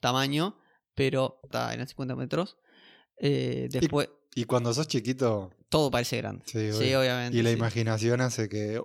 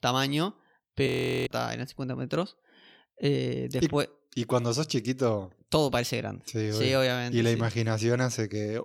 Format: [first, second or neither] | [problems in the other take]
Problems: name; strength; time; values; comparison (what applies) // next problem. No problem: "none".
first | audio freezing; at 1 s